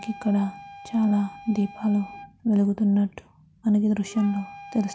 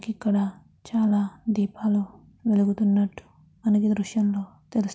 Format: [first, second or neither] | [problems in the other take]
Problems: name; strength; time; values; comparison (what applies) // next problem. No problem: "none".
second | background sound (Wind instrument, woodwind instrument); 19 dB below the speech